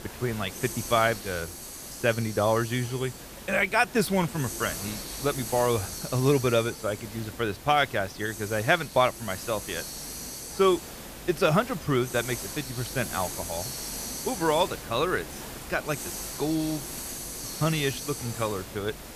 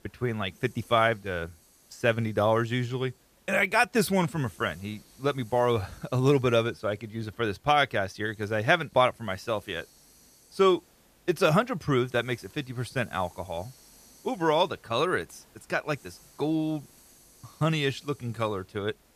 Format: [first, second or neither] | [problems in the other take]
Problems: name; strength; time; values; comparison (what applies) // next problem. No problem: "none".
second | hiss; loud; throughout; 9 dB below the speech; faint in the second